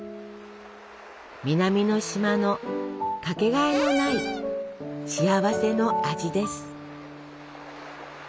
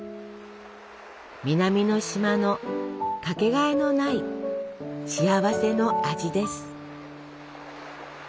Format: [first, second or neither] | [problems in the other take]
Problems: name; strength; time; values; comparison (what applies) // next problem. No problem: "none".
second | background sound (Cupboard open or close / Door); 7 dB below the speech